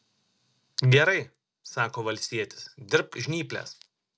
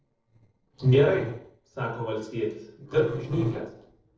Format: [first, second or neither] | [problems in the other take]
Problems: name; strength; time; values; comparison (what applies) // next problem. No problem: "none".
first | noise reduction (neural separator model SepFormer DNS4)